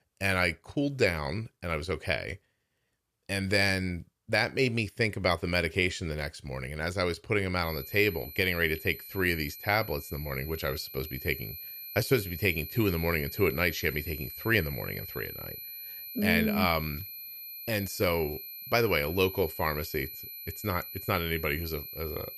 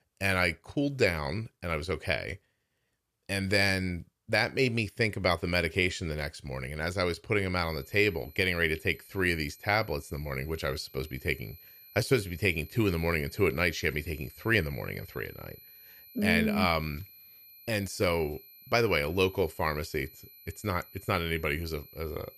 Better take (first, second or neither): second